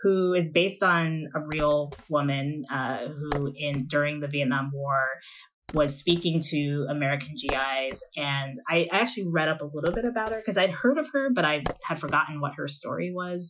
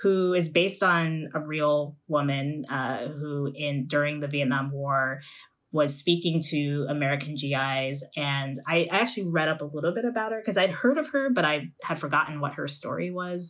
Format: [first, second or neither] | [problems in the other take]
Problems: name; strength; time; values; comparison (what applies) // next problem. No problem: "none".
second | noise reduction (classical method Wiener filter)